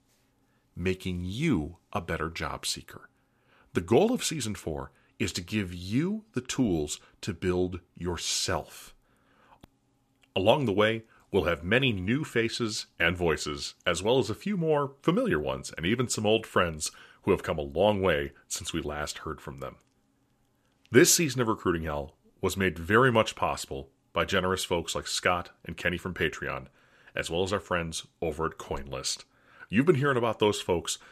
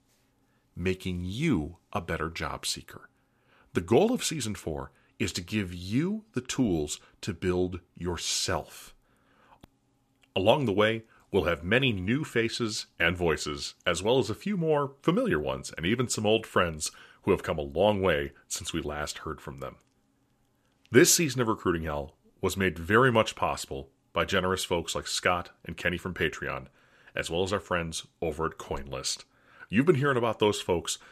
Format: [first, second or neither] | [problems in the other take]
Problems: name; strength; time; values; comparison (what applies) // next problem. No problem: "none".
neither | none